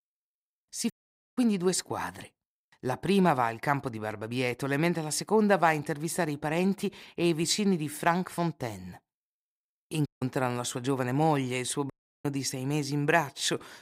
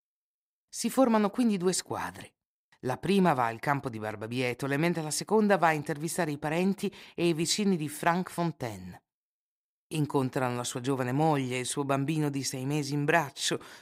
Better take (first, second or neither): second